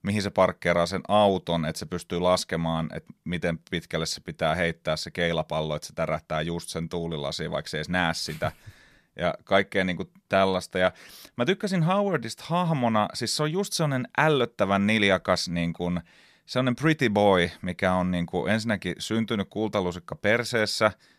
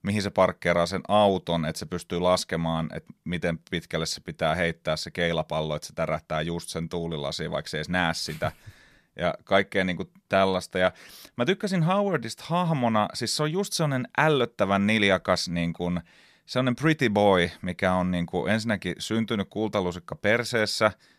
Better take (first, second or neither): neither